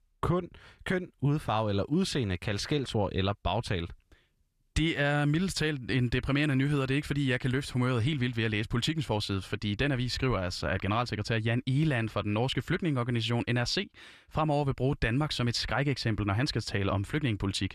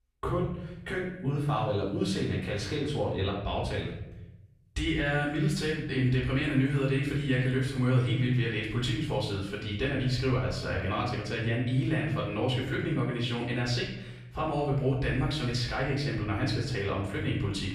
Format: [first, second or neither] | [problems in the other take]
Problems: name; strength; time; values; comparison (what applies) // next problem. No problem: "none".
first | off-mic speech; far // room echo; noticeable; dies away in 0.8 s